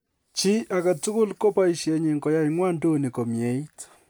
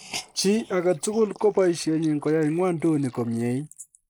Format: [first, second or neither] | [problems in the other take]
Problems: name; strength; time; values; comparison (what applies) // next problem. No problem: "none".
first | noise reduction (neural mask model Resemble Enhance denoiser)